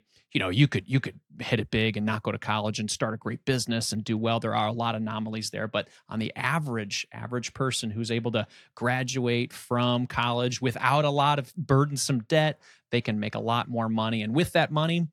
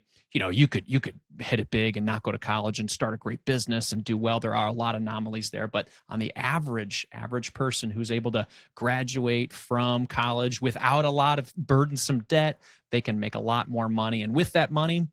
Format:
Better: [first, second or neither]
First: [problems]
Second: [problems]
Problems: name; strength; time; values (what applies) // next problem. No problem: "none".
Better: first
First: none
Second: garbled, watery; slightly; nothing above 15.5 kHz